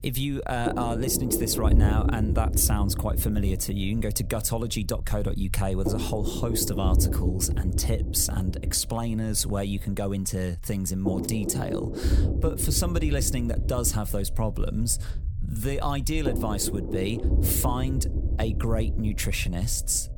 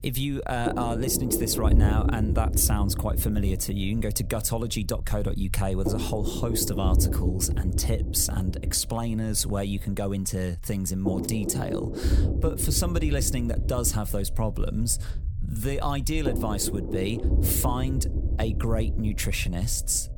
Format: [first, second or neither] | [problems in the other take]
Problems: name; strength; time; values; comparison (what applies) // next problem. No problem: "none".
neither | low rumble; loud; throughout; 6 dB below the speech; the same in both